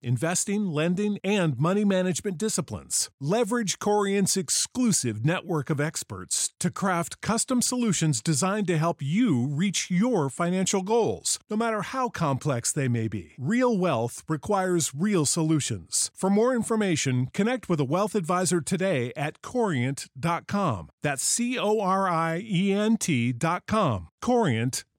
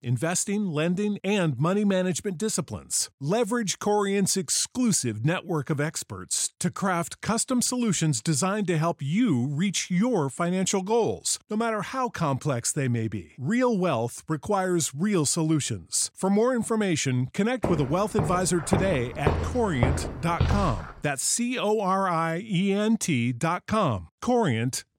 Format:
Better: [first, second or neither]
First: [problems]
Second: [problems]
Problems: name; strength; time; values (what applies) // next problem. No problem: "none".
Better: first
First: none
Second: footsteps; noticeable; from 18 to 21 s; peak 1 dB below the speech